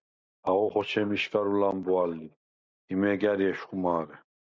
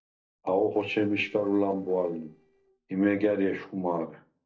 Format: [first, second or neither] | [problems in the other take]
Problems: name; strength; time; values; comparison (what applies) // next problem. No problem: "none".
first | noise reduction (neural separator model SepFormer DNS4)